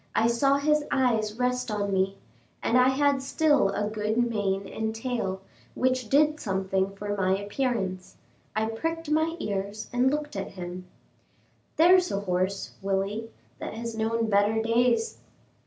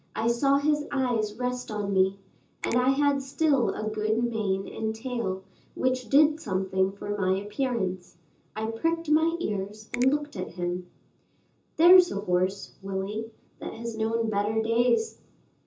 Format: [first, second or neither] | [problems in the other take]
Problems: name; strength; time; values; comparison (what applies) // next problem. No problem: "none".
first | background sound (Finger snapping); 18 dB below the speech // room echo; dies away in 0.2 s